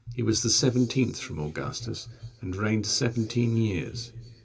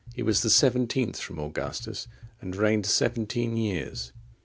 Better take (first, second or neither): second